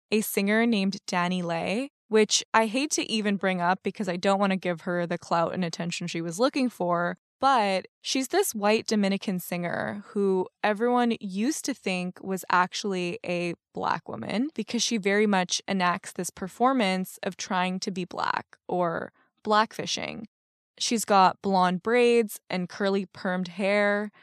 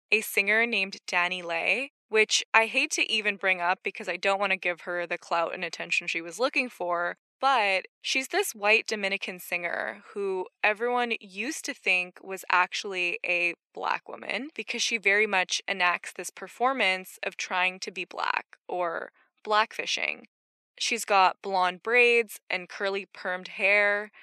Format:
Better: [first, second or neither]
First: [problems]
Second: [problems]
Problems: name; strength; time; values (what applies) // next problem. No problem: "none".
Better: first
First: none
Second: thin; somewhat; fading below 450 Hz